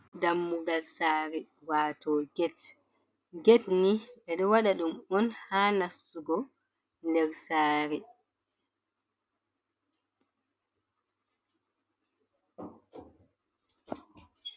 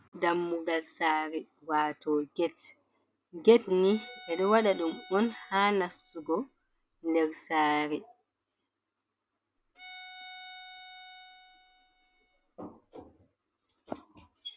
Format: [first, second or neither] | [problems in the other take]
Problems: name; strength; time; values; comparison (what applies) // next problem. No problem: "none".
first | background sound (Bowed string instrument); 19 dB below the speech